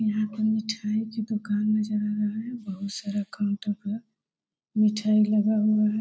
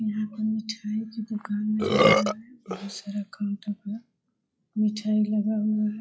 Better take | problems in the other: first | noise reduction (classical method log-MMSE)

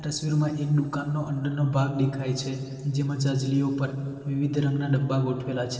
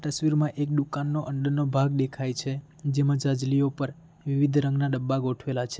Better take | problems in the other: second | room echo; dies away in 2.7 s

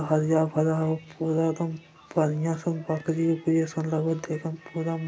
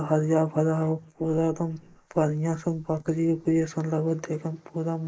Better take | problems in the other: first | noise reduction (neural mask model Resemble Enhance denoiser)

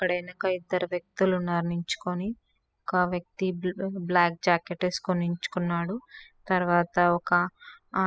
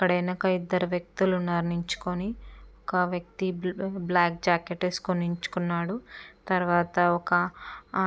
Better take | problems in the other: second | noise reduction (classical method spectral subtraction)

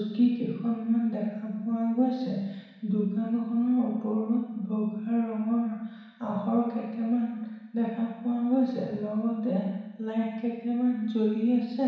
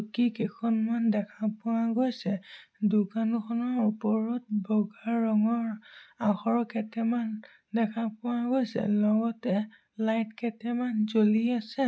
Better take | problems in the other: second | room echo; dies away in 1.1 s

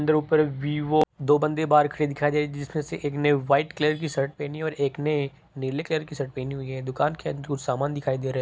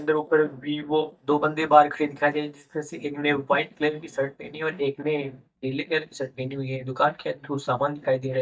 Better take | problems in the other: first | noise reduction (neural mask model DeepFilterNet 3)

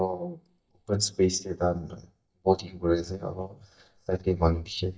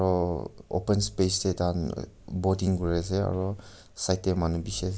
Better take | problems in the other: second | noise reduction (neural mask model DeepFilterNet 3)

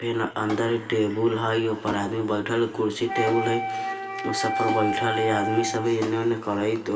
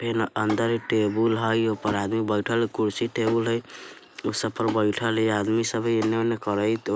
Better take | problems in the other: second | background sound (Wind instrument, woodwind instrument); 4 dB below the speech // room echo; dies away in 2.8 s

